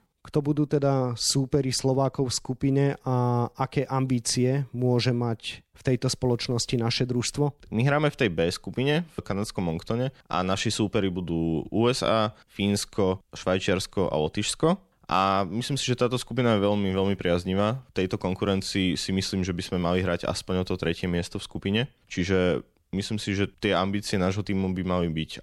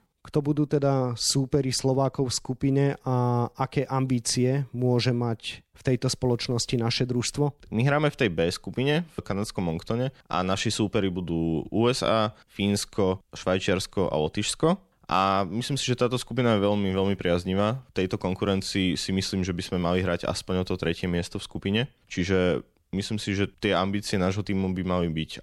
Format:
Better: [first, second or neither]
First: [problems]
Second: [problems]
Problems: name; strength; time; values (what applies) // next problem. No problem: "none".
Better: neither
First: none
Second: none